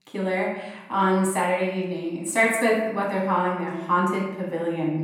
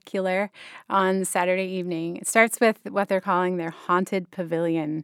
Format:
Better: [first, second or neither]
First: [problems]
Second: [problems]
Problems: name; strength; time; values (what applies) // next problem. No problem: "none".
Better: second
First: off-mic speech; far // room echo; noticeable; dies away in 0.8 s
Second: none